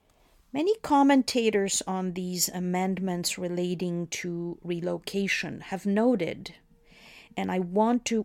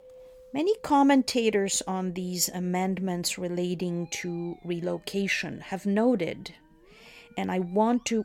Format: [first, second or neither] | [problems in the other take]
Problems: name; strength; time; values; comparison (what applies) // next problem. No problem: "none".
first | background music; faint; throughout; 30 dB below the speech